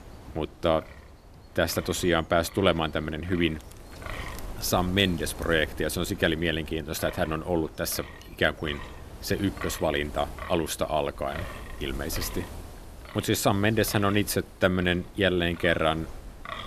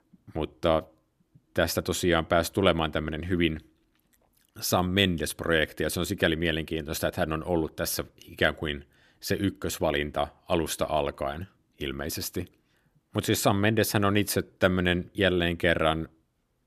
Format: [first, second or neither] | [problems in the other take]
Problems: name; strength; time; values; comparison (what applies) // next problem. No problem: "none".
second | wind noise on the microphone; occasional gusts; 15 dB below the speech